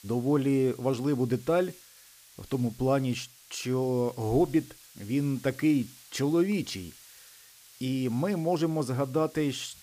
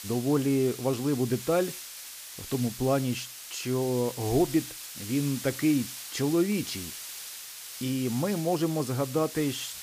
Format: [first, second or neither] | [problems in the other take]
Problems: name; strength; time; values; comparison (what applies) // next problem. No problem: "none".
first | hiss; loud; throughout; 10 dB below the speech; faint in the first